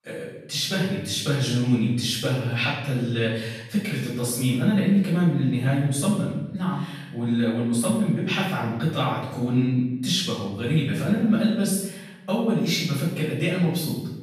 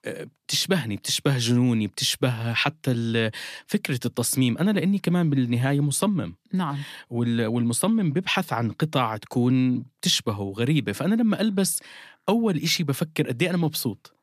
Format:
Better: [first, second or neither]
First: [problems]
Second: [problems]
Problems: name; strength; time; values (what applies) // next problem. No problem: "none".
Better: second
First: off-mic speech; far // room echo; noticeable; dies away in 0.9 s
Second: none